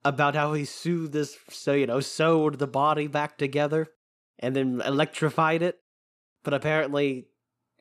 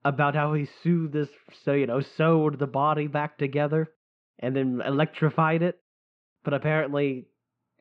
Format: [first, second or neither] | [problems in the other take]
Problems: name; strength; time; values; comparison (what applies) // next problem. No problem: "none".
first | muffled; slightly; fading above 3 kHz